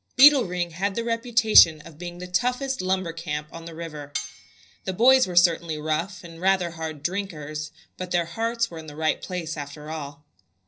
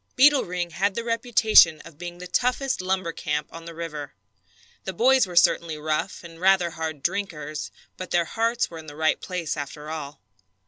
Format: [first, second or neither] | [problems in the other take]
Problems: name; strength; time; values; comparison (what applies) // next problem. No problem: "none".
second | noise reduction (neural separator model SepFormer DNS4)